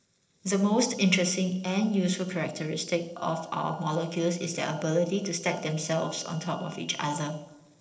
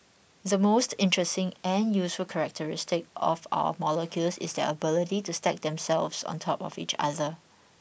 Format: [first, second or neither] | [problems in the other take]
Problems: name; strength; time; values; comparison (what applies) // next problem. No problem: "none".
second | noise reduction (neural separator model SepFormer DNS4)